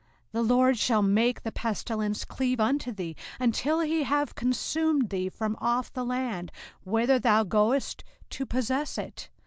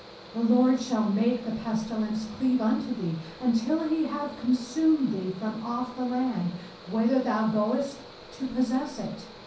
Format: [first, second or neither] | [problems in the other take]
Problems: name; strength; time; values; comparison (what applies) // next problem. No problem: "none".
first | background sound (Mechanical fan); 18 dB below the speech // room echo; dies away in 0.6 s